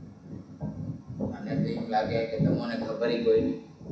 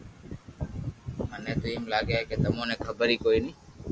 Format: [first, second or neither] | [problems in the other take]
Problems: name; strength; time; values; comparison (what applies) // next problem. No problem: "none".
second | room echo; dies away in 0.7 s